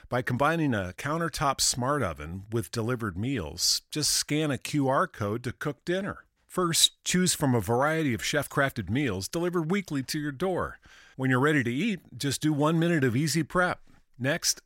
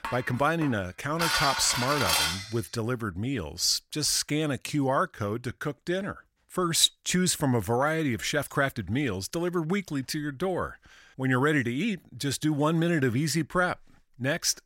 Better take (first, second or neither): first